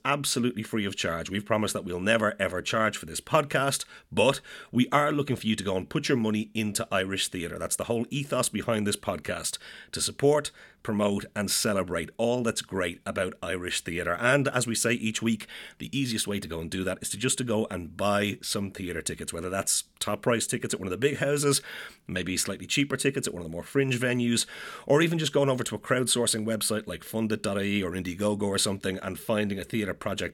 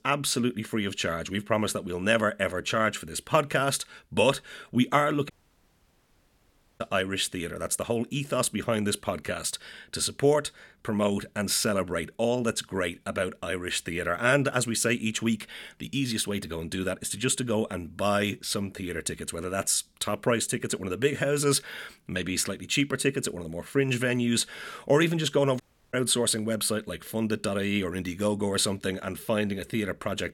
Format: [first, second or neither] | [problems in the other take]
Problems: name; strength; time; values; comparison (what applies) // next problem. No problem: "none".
first | audio cutting out; at 5.5 s for 1.5 s and at 26 s